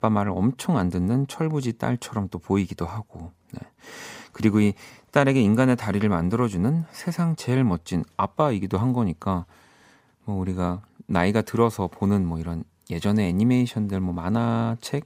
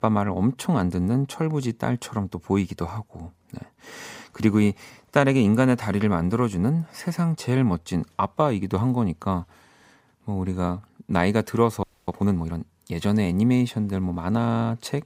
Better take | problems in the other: first | audio freezing; at 12 s

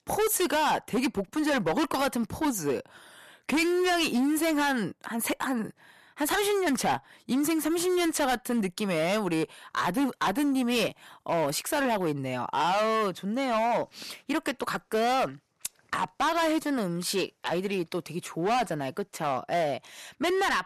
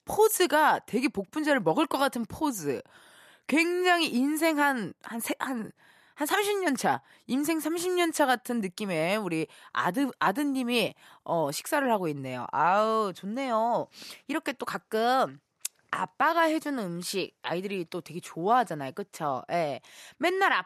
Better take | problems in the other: second | distortion; heavy; 14% of the sound clipped

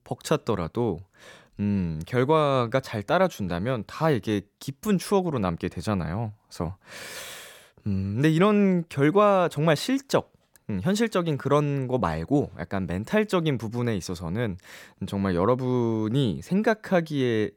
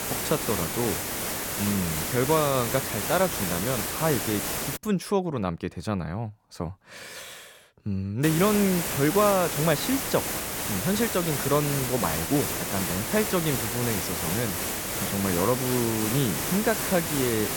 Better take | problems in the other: first | hiss; loud; until 5 s and from 8 s on; 1 dB below the speech

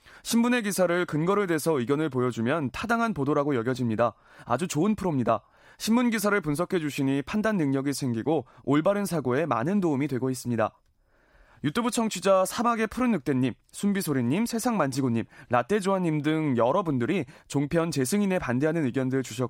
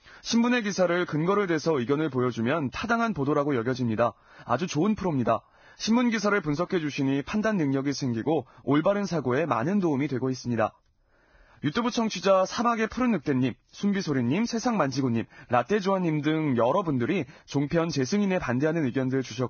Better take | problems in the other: first | garbled, watery; badly; nothing above 6.5 kHz

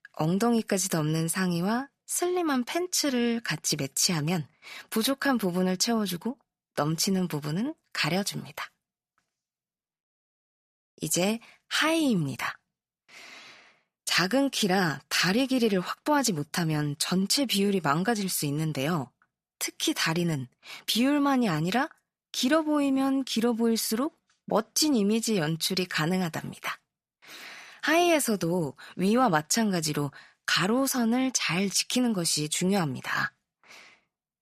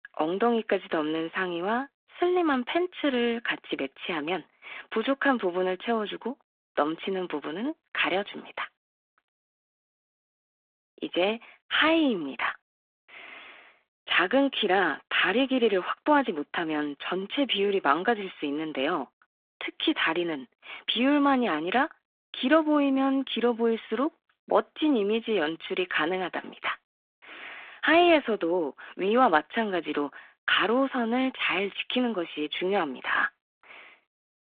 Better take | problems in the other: first | phone-call audio

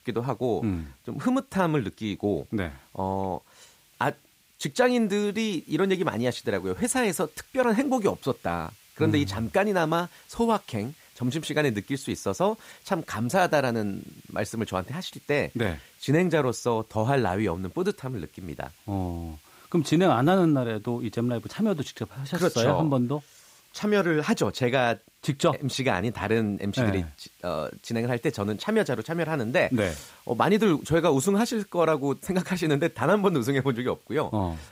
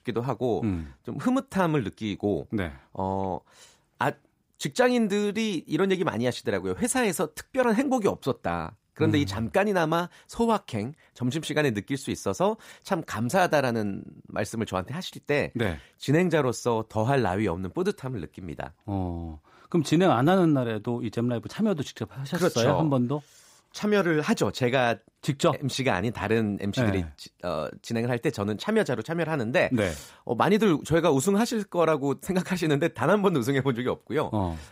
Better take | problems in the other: second | hiss; faint; throughout; 30 dB below the speech

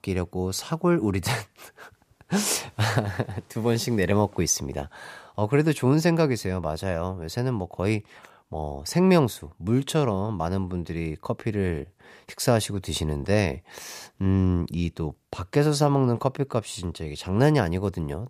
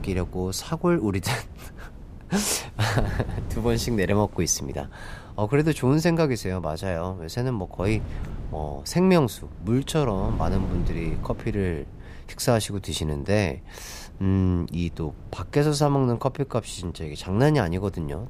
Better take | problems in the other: first | wind noise on the microphone; occasional gusts; 20 dB below the speech

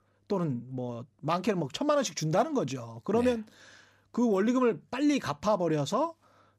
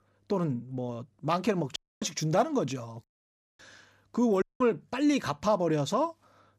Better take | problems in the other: first | audio cutting out; at 2 s, at 3 s for 0.5 s and at 4.5 s

